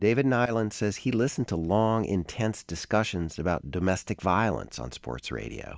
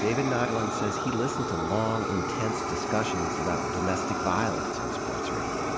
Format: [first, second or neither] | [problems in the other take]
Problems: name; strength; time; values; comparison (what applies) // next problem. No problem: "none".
first | background sound (Fire); 1 dB above the speech